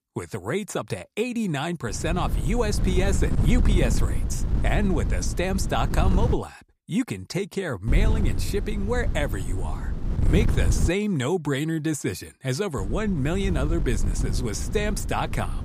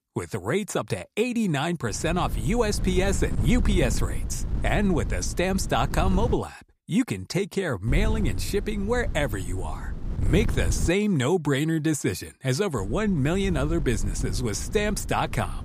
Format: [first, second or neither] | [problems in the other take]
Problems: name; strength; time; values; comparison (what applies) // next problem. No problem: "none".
second | wind noise on the microphone; heavy; from 2 to 6.5 s, from 8 to 11 s and from 13 s on; 10 dB below the speech; occasional gusts in the second